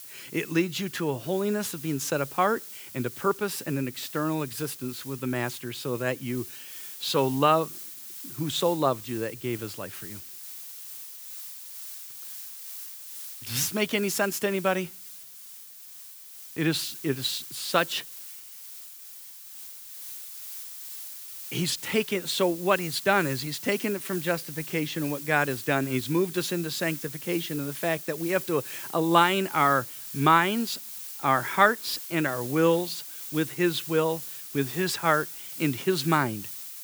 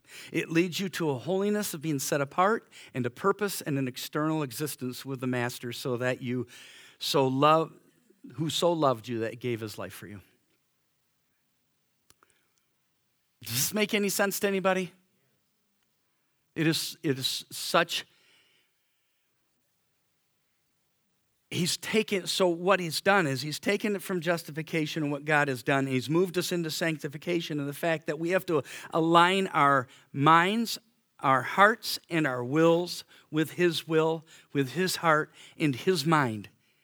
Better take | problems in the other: second | hiss; noticeable; throughout; 10 dB below the speech

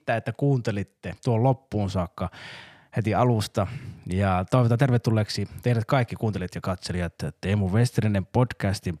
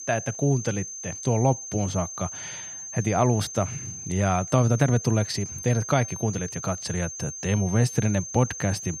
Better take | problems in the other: first | high-pitched whine; loud; throughout; 6.5 kHz, 9 dB below the speech

